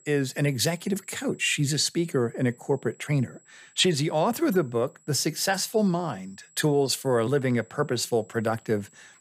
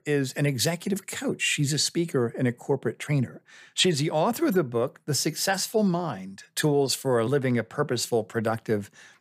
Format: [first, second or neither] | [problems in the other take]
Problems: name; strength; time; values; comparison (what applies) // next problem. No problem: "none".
second | high-pitched whine; faint; throughout; 7.5 kHz, 30 dB below the speech